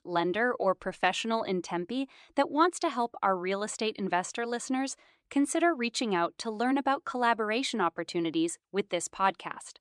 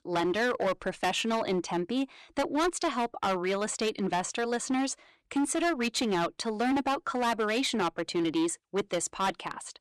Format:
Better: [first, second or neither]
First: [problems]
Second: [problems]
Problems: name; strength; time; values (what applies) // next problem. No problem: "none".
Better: first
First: none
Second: distortion; heavy; 14% of the sound clipped